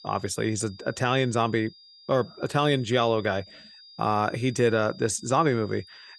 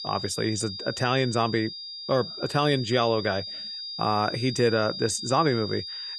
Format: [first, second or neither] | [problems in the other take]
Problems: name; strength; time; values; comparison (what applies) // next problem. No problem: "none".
first | high-pitched whine; loud; throughout; 5 kHz, 8 dB below the speech; faint in the first